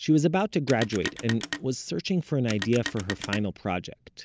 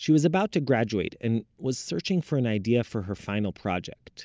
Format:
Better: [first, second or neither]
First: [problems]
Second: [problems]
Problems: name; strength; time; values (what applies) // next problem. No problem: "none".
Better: second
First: background sound (Telephone); 11 dB below the speech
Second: none